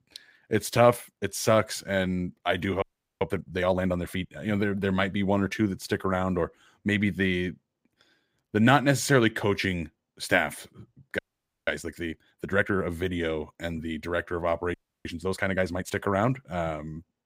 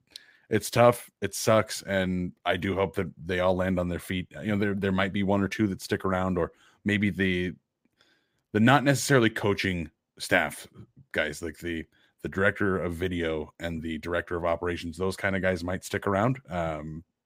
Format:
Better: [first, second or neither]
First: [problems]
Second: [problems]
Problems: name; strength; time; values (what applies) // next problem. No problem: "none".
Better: second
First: audio freezing; at 3 s, at 11 s and at 15 s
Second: none